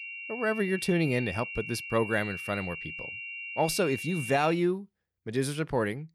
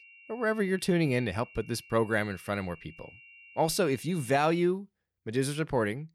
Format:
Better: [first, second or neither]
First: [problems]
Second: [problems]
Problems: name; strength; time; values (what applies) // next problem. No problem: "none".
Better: second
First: high-pitched whine; loud; until 4.5 s; 3 kHz, 7 dB below the speech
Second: high-pitched whine; faint; until 4.5 s; 3 kHz, 20 dB below the speech